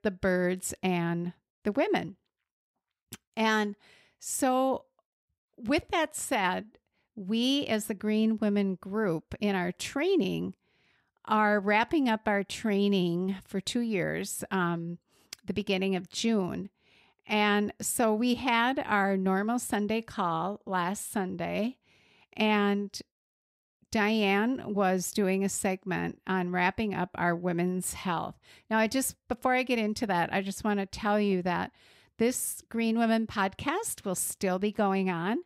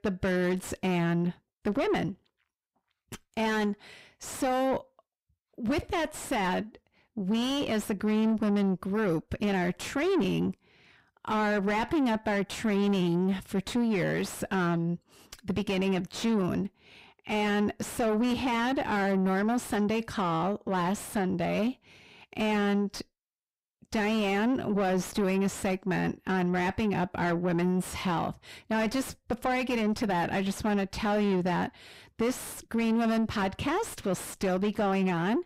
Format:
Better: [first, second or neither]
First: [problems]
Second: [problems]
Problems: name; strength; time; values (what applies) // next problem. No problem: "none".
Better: first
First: none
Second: distortion; heavy; 7 dB below the speech